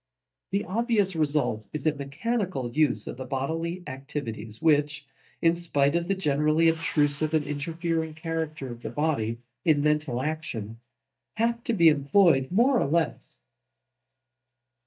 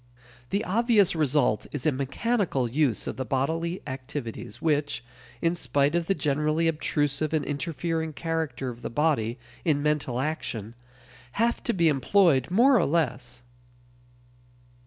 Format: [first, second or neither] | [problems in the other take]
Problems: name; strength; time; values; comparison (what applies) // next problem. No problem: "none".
second | noise reduction (neural mask model DeepFilterNet 3)